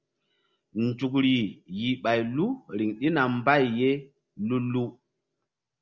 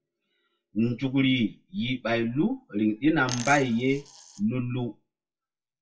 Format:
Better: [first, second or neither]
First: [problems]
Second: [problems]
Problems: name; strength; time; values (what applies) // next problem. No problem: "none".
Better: first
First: none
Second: noise reduction (classical method WPE with log-MMSE)